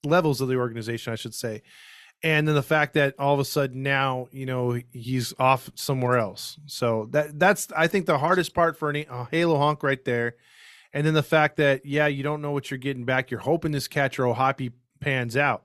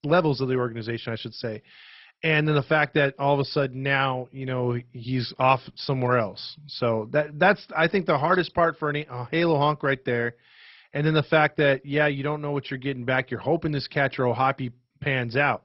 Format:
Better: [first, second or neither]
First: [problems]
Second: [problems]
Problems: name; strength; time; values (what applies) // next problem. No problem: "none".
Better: first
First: none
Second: garbled, watery; badly; nothing above 5.5 kHz